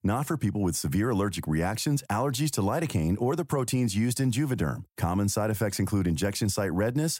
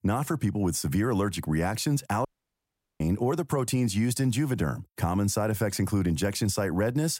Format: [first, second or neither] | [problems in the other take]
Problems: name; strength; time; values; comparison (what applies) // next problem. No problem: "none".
first | audio cutting out; at 2.5 s for 1 s